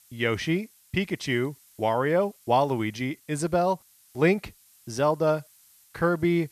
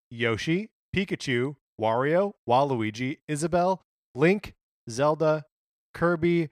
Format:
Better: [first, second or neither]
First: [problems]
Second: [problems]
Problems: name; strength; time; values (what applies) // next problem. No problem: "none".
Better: second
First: hiss; faint; throughout; 30 dB below the speech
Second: none